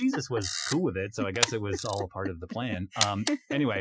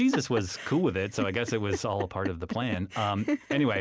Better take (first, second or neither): second